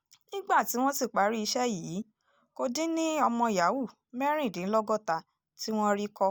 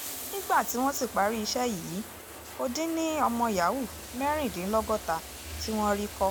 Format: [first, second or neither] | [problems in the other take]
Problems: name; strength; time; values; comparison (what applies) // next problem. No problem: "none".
first | background sound (Bathtub (filling or washing)); 11 dB below the speech